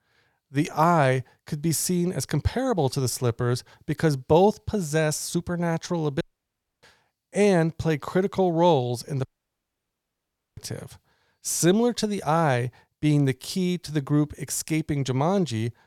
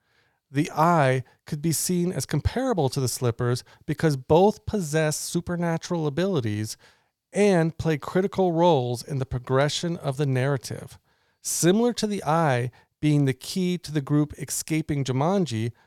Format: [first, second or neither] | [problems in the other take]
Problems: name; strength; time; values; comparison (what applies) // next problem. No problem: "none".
second | audio cutting out; at 6 s for 0.5 s and at 9.5 s for 1.5 s